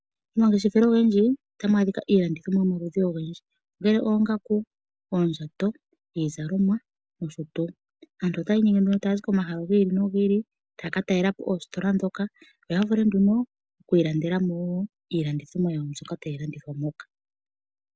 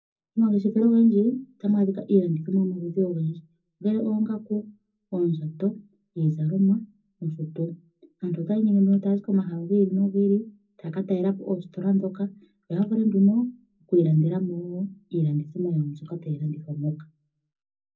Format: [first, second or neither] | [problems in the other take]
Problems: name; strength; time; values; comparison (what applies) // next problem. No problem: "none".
first | room echo; dies away in 0.4 s